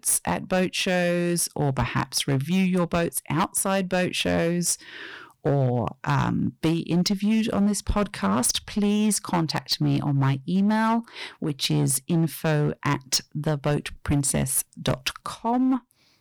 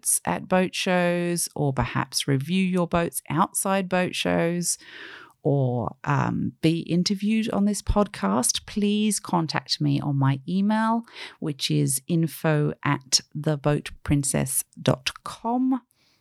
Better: second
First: distortion; slight; 9% of the sound clipped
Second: none

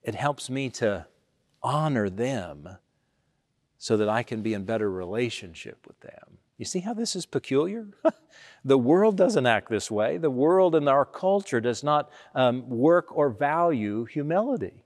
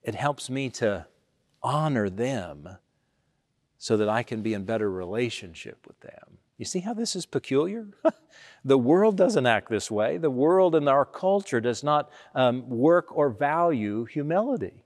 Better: neither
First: none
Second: none

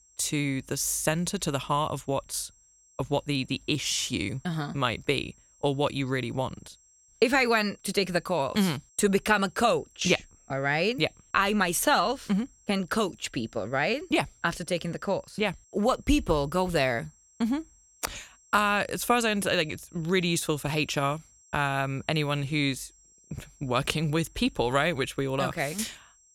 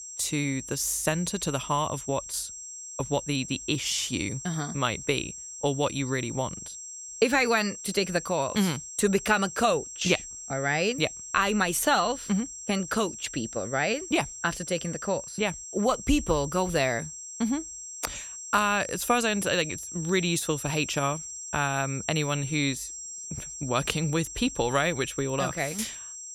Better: first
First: high-pitched whine; faint; throughout; 7.5 kHz, 30 dB below the speech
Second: high-pitched whine; loud; throughout; 7.5 kHz, 10 dB below the speech

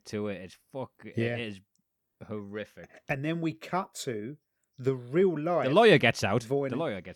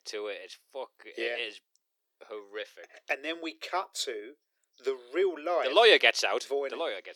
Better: first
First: none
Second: thin; very; fading below 350 Hz

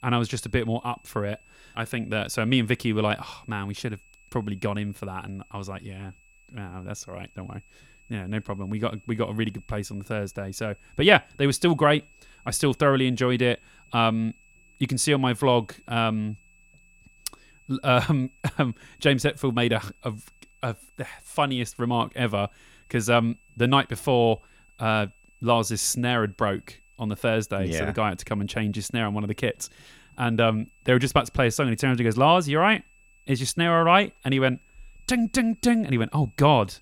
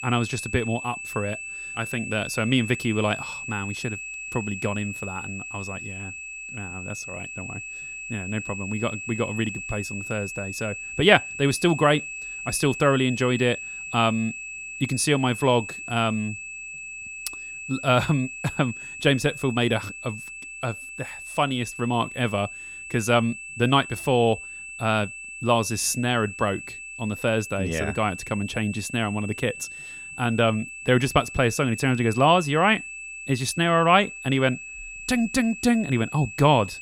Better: first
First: high-pitched whine; faint; throughout; 2.5 kHz, 30 dB below the speech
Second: high-pitched whine; loud; throughout; 2.5 kHz, 10 dB below the speech

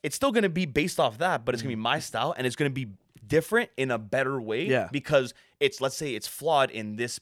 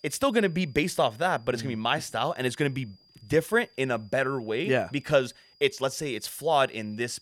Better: first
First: none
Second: high-pitched whine; faint; throughout; 5 kHz, 30 dB below the speech

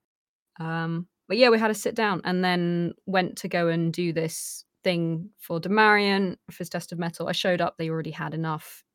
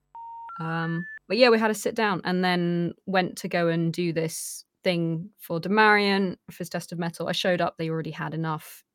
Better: first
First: none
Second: phone ringing; faint; until 1 s; peak 10 dB below the speech

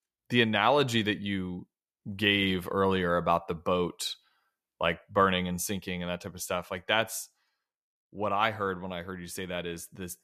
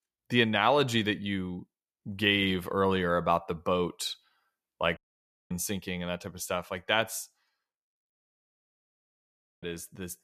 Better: first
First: none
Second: audio cutting out; at 5 s for 0.5 s and at 8 s for 1.5 s

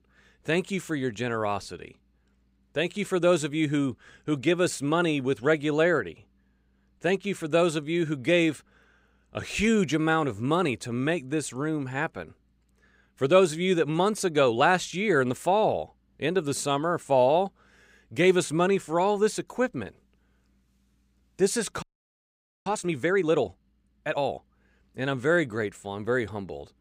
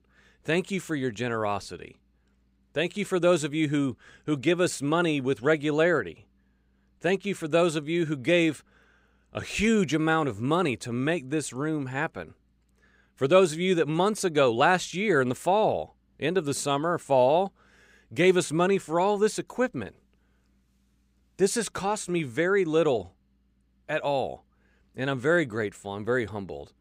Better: second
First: audio freezing; at 22 s for 1 s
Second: none

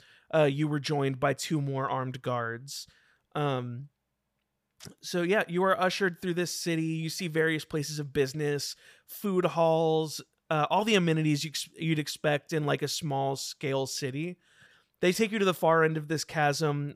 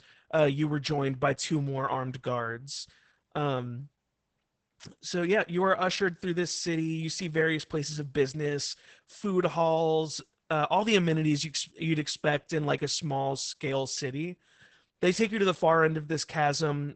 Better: first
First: none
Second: garbled, watery; badly; nothing above 8 kHz

